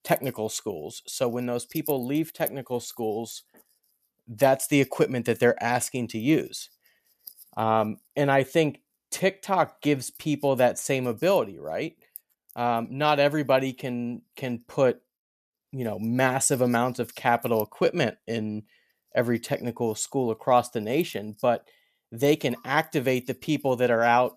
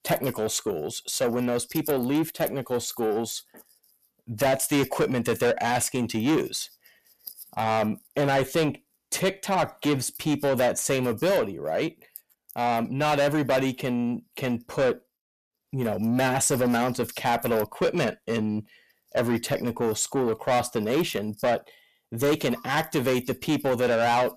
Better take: first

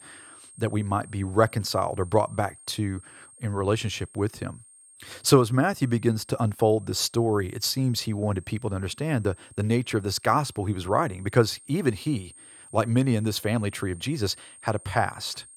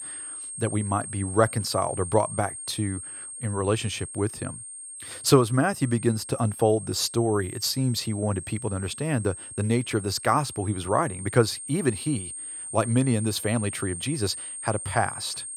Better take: first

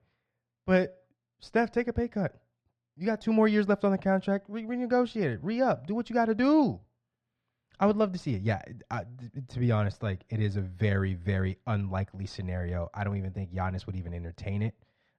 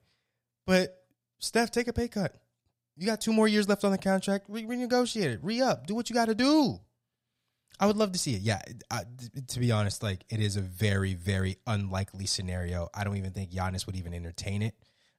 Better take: second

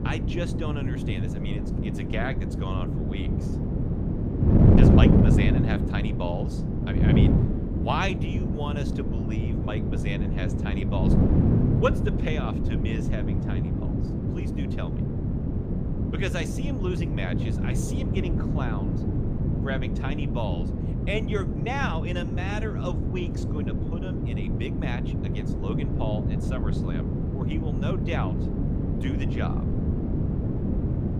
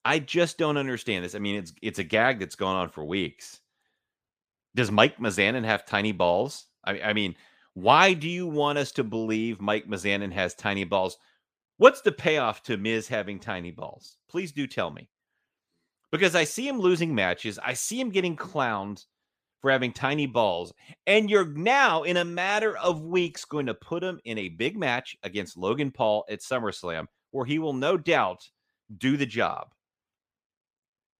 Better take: second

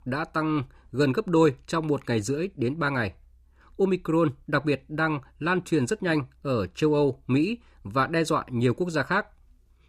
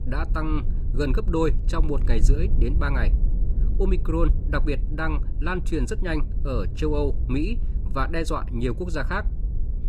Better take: first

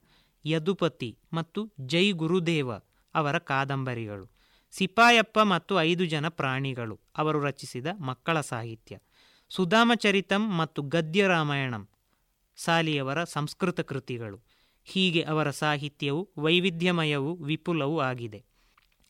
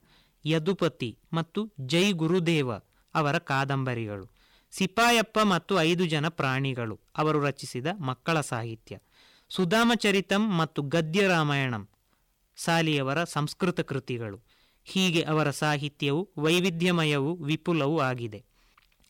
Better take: first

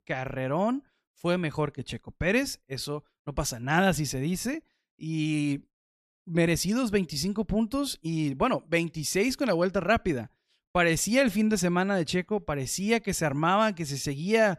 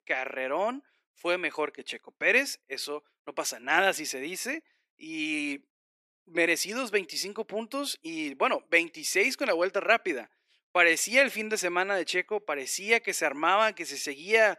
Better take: first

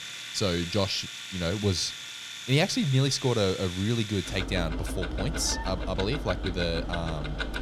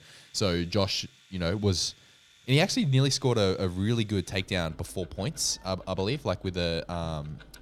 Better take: second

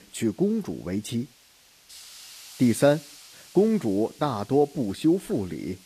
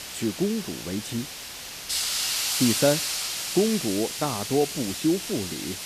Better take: first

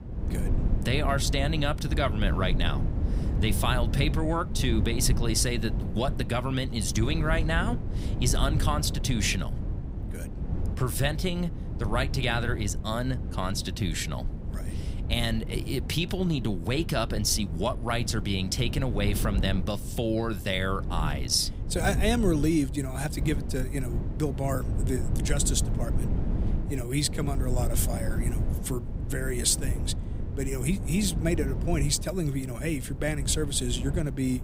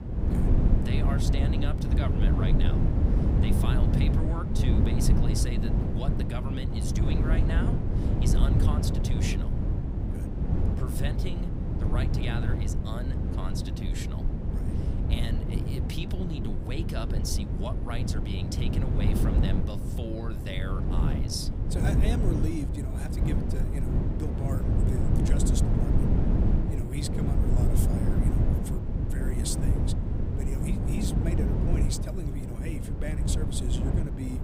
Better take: first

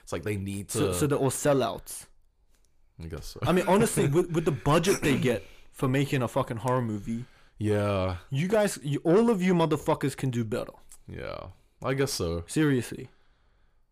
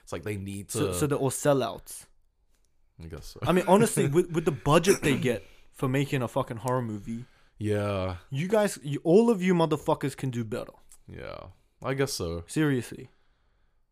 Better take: second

